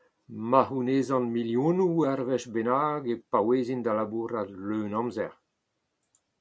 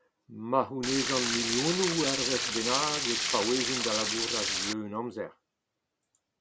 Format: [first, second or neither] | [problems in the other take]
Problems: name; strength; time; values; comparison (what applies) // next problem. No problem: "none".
first | background sound (Stream); 2 dB above the speech